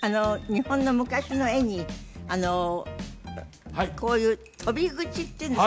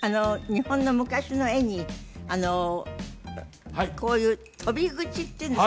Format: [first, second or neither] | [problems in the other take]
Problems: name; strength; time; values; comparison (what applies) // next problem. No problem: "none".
second | background sound (Chicken, rooster); 18 dB below the speech